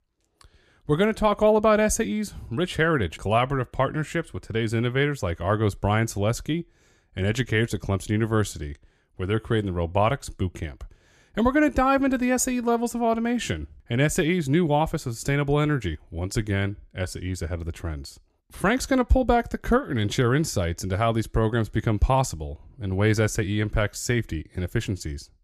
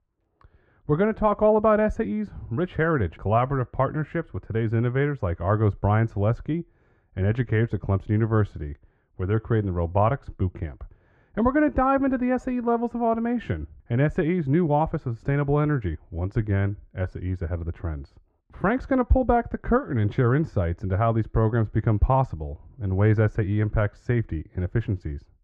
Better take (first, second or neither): first